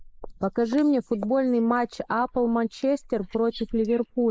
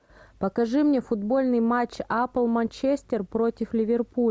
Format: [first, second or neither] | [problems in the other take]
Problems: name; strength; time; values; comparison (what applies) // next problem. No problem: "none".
second | noise reduction (neural mask model Resemble Enhance denoiser)